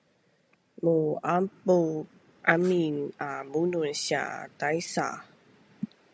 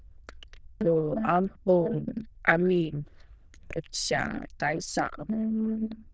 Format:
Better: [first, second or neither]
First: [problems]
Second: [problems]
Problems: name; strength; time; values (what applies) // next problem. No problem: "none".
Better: first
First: none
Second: noise reduction (neural diffusion model UNIVERSE++)